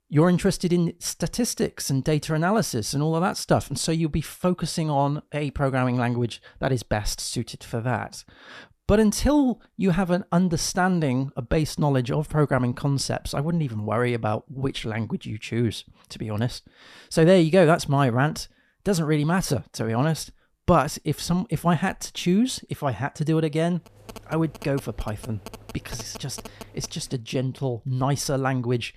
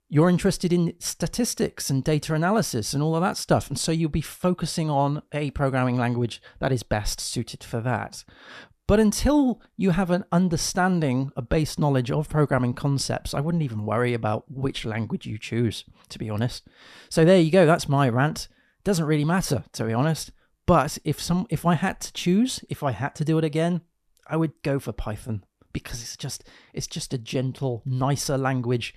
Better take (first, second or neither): second